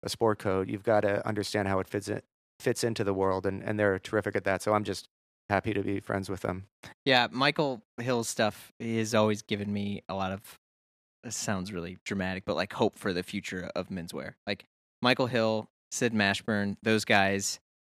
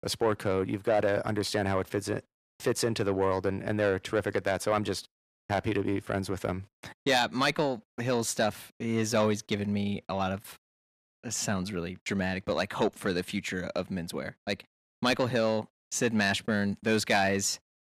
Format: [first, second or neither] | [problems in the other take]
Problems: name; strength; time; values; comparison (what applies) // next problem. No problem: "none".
first | distortion; slight; 10 dB below the speech